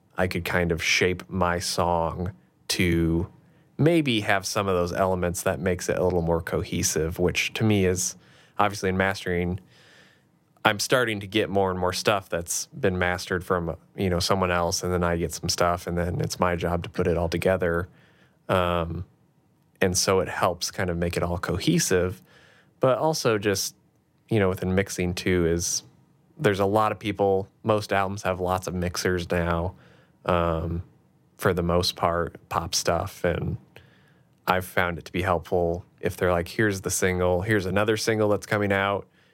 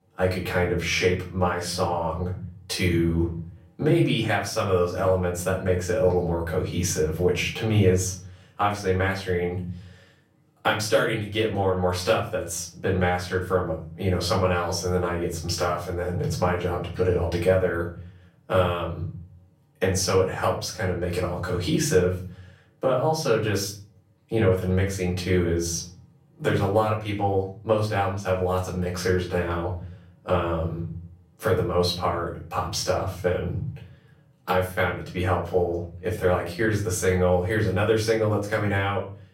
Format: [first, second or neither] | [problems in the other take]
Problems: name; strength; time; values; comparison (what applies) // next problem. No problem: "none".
first | room echo; slight; dies away in 0.5 s // off-mic speech; far